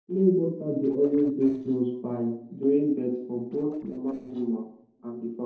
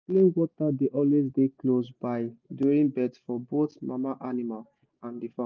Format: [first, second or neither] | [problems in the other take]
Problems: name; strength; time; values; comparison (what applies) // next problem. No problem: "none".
second | noise reduction (neural separator model SepFormer DNS4)